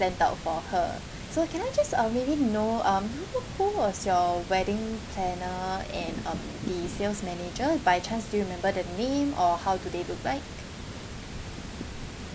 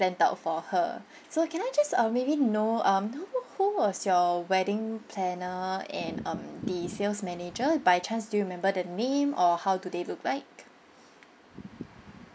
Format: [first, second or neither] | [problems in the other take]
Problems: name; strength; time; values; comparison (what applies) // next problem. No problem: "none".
second | background sound (Water); 10 dB below the speech